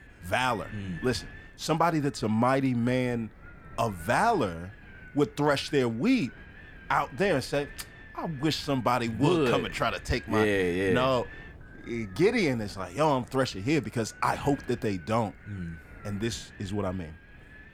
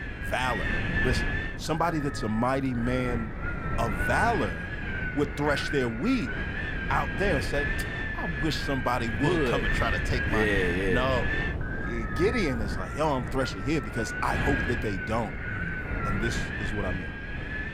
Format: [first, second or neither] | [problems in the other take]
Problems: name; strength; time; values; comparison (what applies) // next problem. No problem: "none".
first | wind noise on the microphone; heavy; 1 dB below the speech; occasional gusts in the first